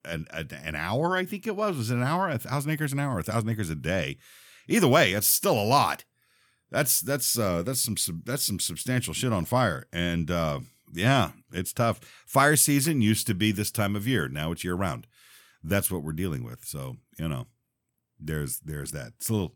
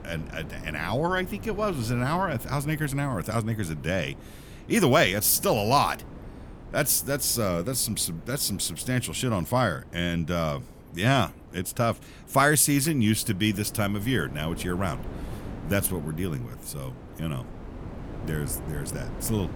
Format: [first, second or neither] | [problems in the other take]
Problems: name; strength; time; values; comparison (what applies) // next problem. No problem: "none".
first | wind noise on the microphone; occasional gusts; 20 dB below the speech